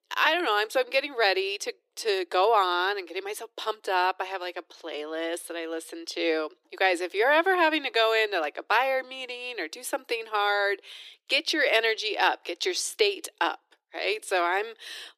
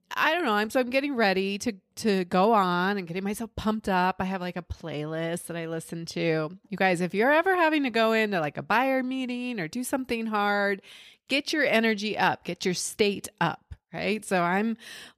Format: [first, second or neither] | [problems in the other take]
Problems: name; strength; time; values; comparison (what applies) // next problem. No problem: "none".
second | thin; very; fading below 300 Hz